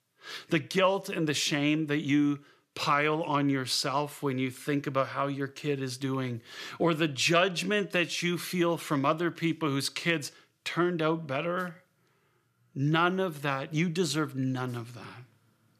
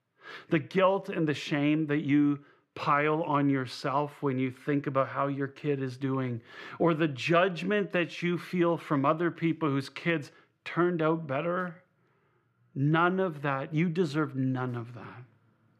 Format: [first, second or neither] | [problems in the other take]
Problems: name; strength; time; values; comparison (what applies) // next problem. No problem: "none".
first | muffled; slightly; fading above 3.5 kHz